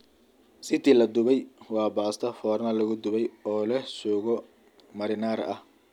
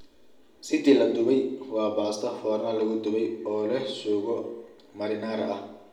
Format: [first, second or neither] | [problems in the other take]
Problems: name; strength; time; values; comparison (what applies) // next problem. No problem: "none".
first | room echo; dies away in 0.8 s